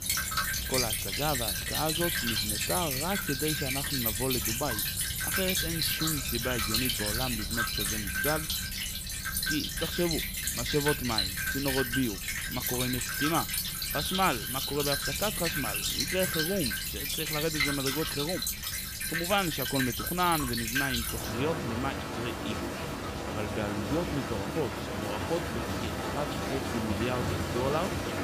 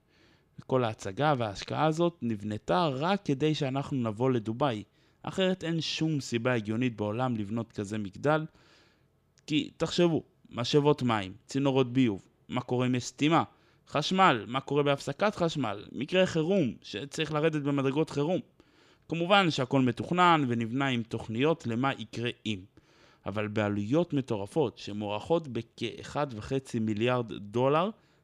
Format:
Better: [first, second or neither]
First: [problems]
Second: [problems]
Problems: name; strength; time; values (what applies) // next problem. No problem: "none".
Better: second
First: rain or running water; very loud; throughout; 3 dB above the speech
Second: none